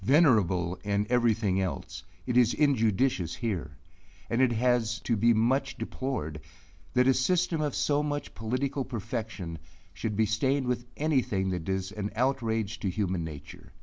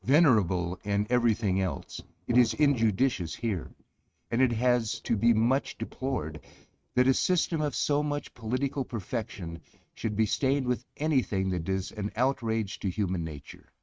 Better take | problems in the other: first | noise reduction (neural mask model RNNoise)

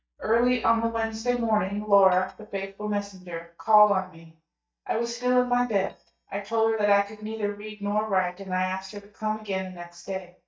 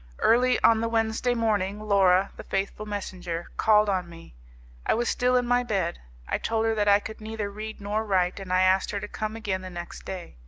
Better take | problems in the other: second | noise reduction (neural mask model DeepFilterNet 3)

